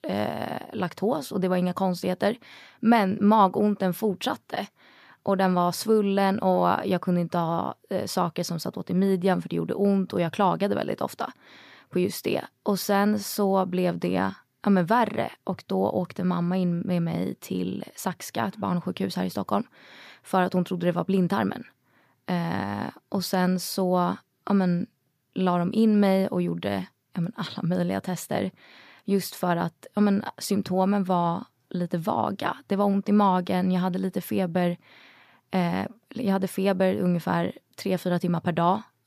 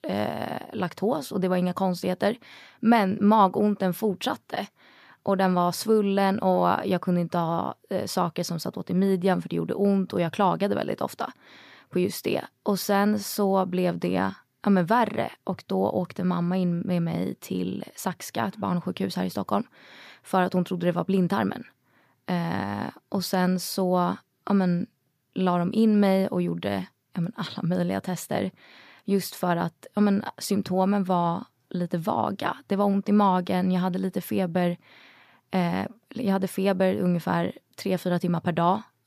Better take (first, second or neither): neither